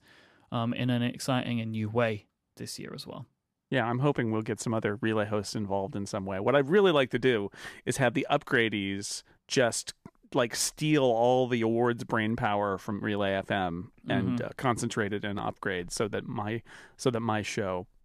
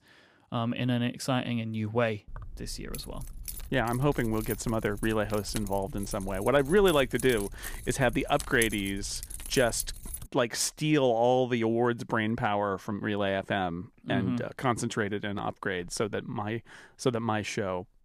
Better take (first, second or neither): first